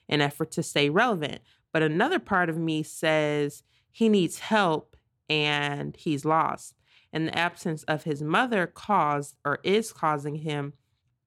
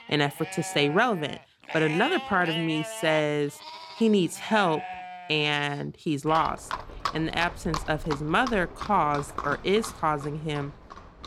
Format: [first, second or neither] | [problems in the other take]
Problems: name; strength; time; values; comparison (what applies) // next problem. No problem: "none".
first | animal sounds; noticeable; throughout; 10 dB below the speech